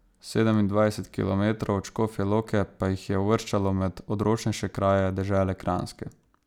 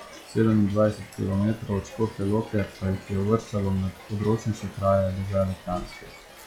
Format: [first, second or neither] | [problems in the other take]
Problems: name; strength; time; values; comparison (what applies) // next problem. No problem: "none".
first | noise reduction (classical method log-MMSE)